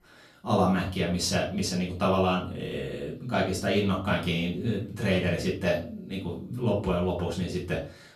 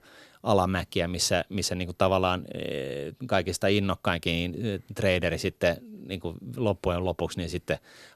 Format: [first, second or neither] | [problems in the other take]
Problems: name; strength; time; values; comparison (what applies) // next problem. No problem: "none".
second | off-mic speech; far // room echo; slight; dies away in 0.4 s